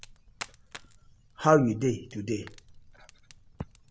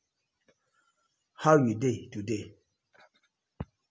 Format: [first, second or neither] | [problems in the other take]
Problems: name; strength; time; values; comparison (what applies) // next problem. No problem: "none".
second | background sound (Fire); 19 dB below the speech